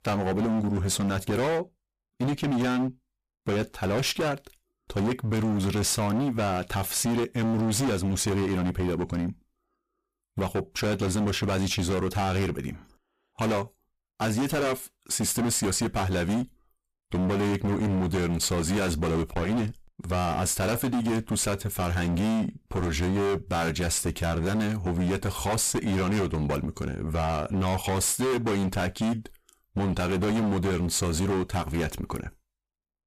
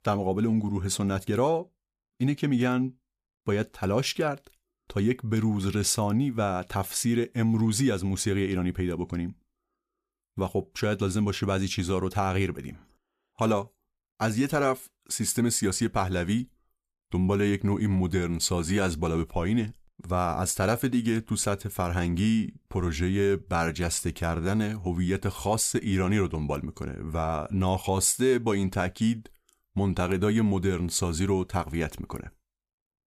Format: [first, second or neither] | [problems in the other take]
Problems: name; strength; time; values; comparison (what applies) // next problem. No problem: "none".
second | distortion; heavy; 28% of the sound clipped